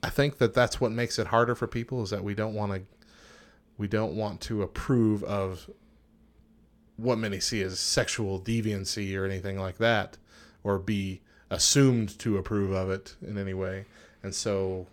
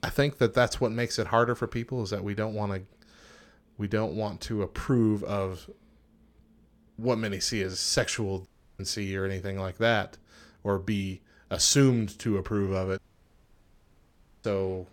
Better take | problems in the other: first | audio cutting out; at 8.5 s and at 13 s for 1.5 s

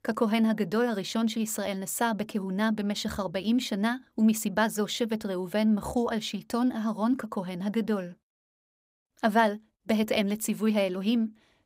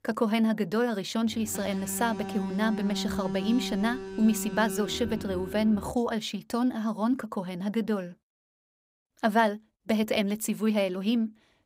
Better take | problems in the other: first | alarm; noticeable; from 1.5 to 6 s; peak 5 dB below the speech

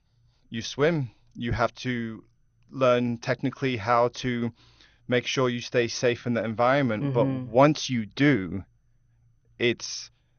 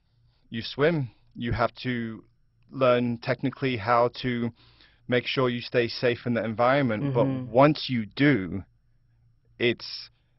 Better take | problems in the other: first | garbled, watery; badly; nothing above 5.5 kHz; slightly in the first

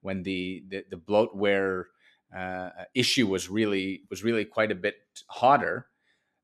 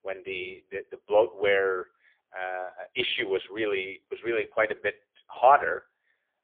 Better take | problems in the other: first | phone-call audio; poor line; nothing above 3.5 kHz

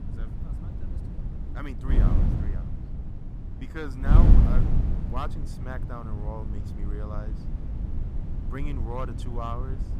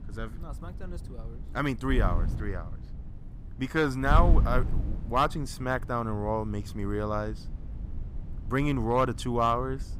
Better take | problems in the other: second | wind noise on the microphone; heavy; 3 dB below the speech; occasional gusts in the second

